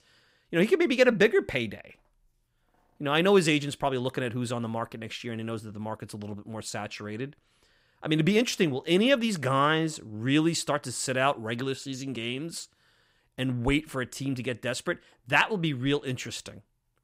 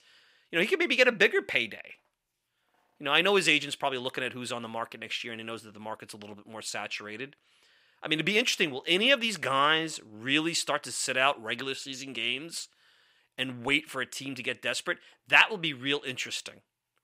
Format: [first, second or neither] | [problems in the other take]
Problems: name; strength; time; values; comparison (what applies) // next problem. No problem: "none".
first | thin; somewhat; fading below 1 kHz